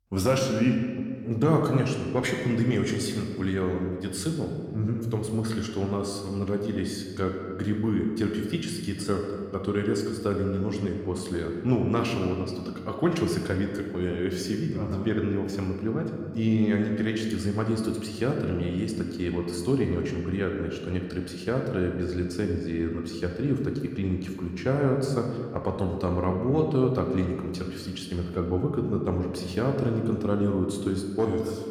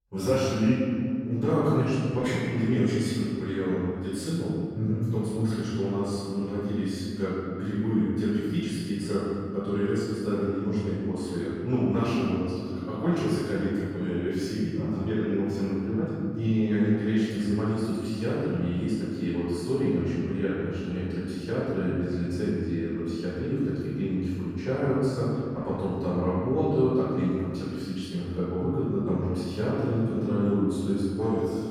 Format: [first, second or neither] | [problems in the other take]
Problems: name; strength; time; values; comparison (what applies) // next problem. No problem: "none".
first | room echo; strong; dies away in 2.5 s; slight in the first // off-mic speech; far